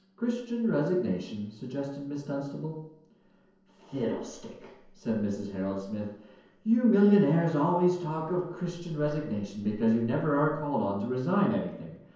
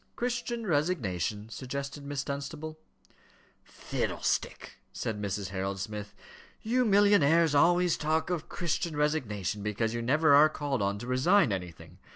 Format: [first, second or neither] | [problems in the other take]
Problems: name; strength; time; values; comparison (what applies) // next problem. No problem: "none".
second | room echo; dies away in 0.9 s